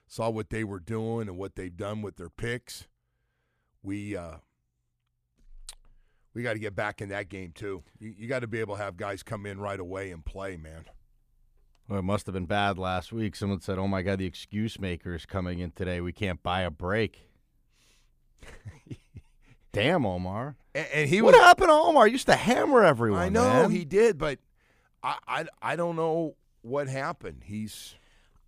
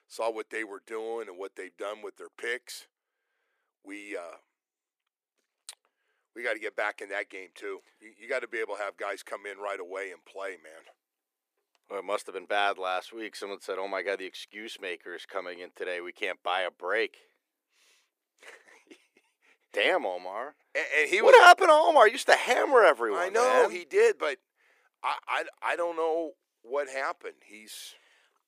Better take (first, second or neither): first